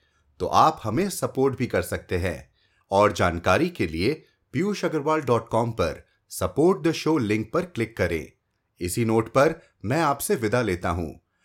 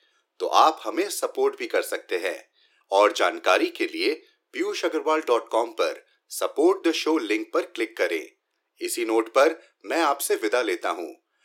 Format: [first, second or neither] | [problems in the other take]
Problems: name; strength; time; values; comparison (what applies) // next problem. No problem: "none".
first | thin; very; fading below 300 Hz